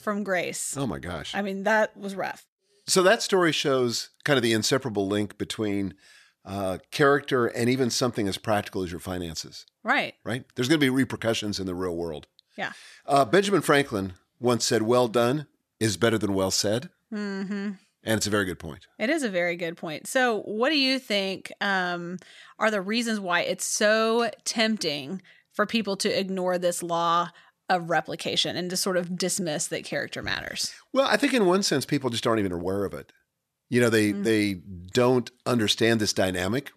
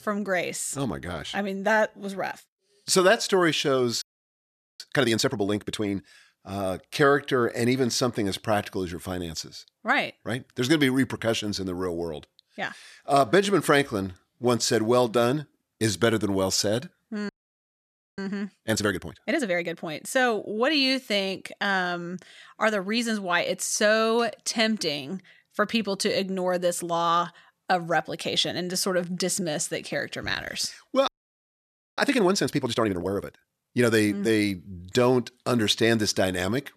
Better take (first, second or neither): first